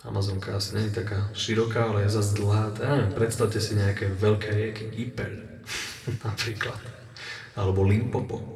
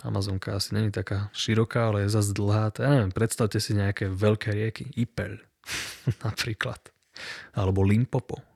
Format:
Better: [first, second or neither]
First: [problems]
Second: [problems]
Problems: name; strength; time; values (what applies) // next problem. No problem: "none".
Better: second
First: room echo; noticeable; dies away in 1.7 s // off-mic speech; somewhat distant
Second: none